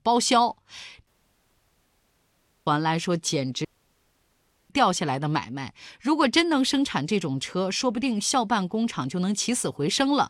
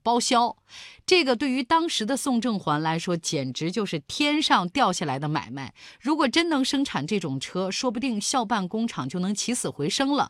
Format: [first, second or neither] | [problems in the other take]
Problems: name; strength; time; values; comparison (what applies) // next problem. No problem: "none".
second | audio cutting out; at 1 s for 1.5 s and at 3.5 s for 1 s